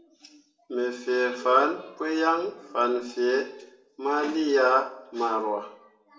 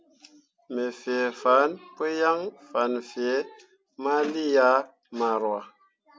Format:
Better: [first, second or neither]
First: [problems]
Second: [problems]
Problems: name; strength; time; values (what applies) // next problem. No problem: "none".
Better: second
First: room echo; dies away in 0.5 s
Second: none